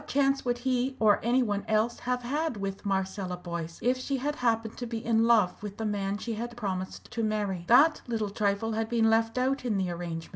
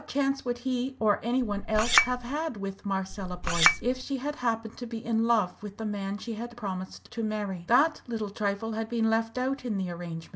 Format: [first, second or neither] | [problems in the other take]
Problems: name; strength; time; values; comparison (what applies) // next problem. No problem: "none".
first | background sound (Chink, clink); 2 dB above the speech